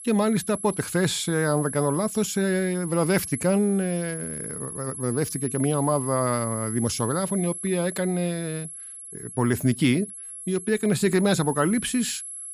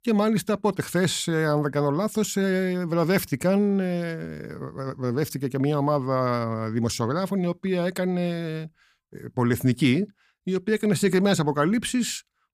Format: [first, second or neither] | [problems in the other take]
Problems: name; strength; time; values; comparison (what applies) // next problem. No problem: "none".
second | high-pitched whine; loud; throughout; 11 kHz, 9 dB below the speech